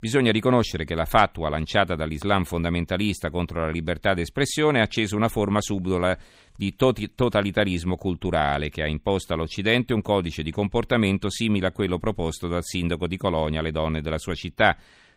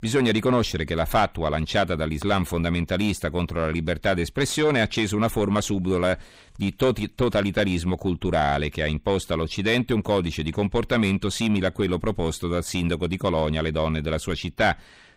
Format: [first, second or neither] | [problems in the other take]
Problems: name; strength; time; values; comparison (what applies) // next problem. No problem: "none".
first | distortion; slight; 10 dB below the speech